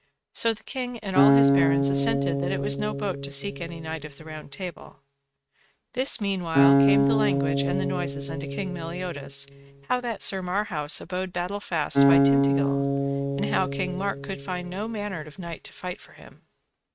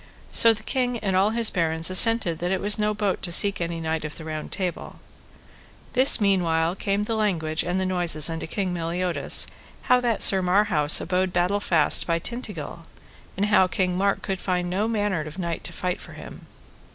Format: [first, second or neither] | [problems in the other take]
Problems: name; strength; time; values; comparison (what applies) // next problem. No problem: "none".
second | noise reduction (neural mask model RNNoise)